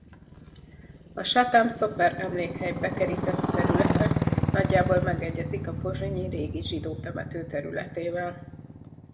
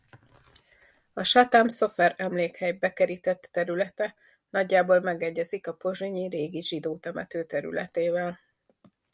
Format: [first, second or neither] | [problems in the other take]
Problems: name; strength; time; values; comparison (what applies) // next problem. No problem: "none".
second | background sound (Motorcycle); 1 dB below the speech // room echo; dies away in 0.7 s